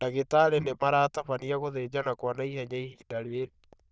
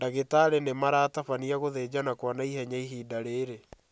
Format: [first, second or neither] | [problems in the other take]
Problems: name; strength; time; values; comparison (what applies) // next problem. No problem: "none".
second | noise reduction (neural diffusion model UNIVERSE++)